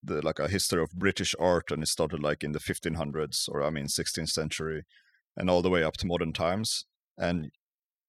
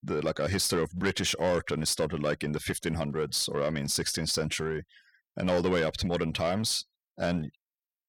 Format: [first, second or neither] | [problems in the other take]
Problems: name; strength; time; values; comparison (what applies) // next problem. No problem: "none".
first | distortion; slight; 10 dB below the speech